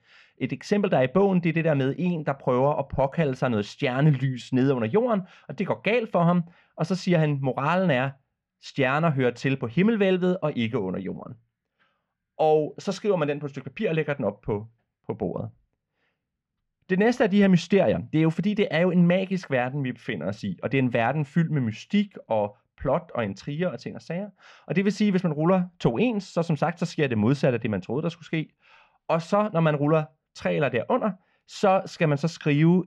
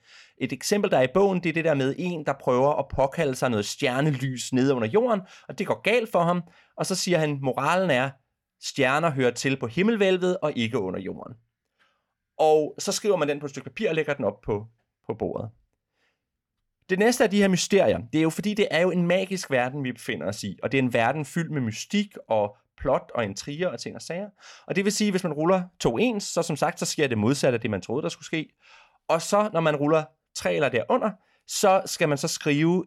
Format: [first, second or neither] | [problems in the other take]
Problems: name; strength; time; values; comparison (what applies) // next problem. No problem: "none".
second | muffled; slightly; fading above 3.5 kHz